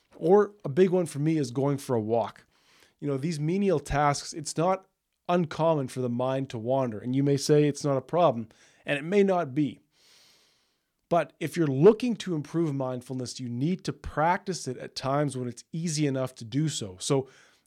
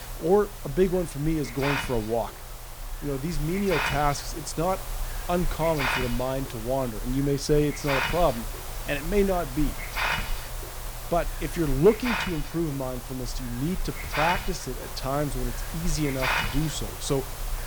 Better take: first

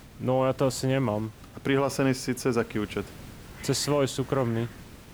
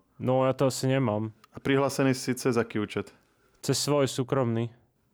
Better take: second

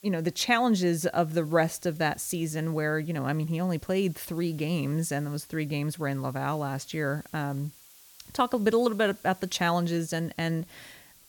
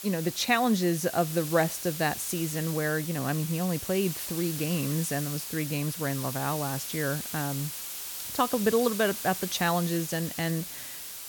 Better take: first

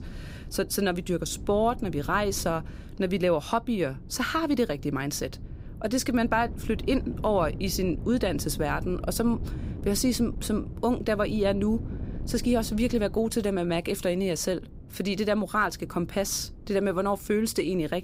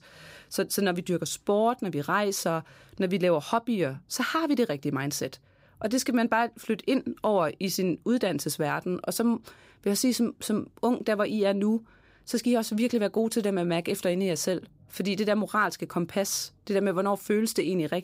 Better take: second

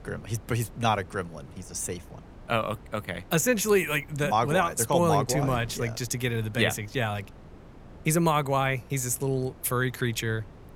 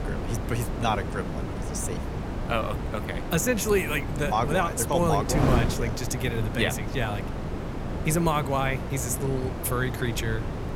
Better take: first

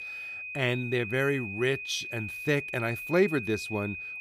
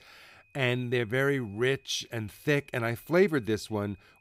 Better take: second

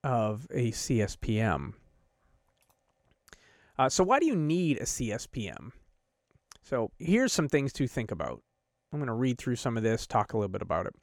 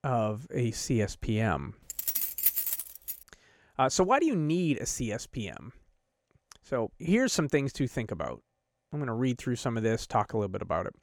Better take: first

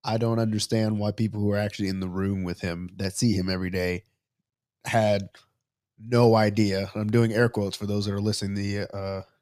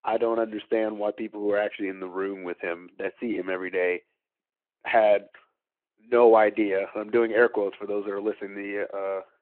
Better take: first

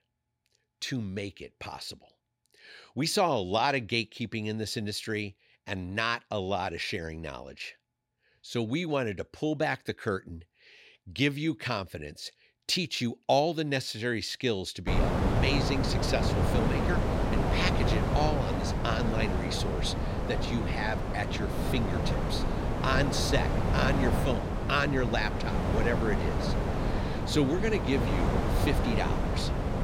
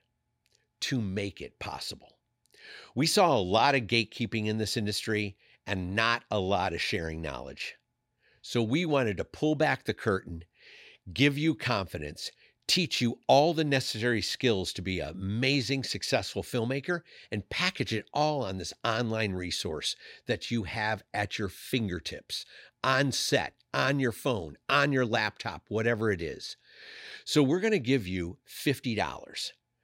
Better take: second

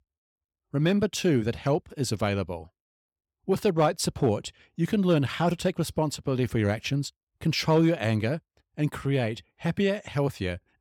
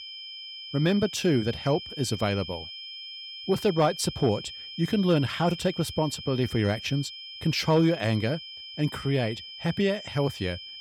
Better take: first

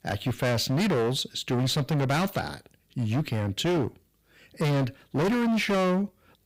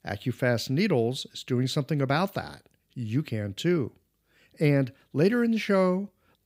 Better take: second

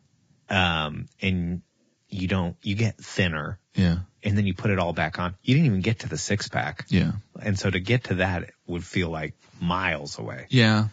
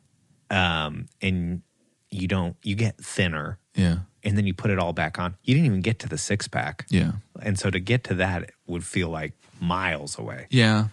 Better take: second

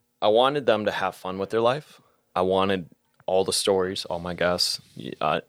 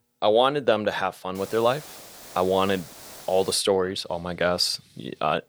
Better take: first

